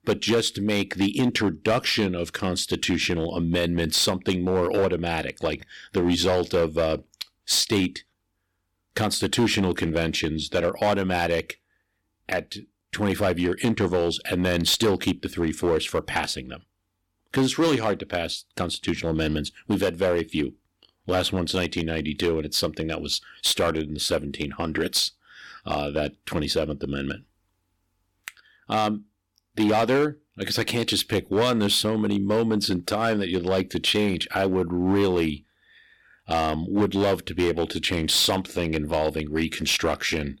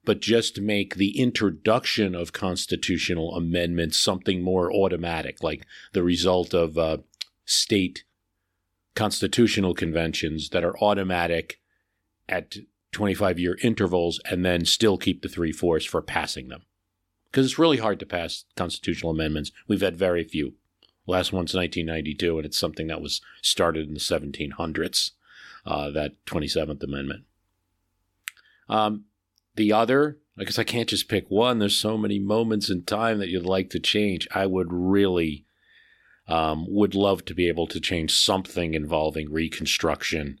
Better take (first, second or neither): second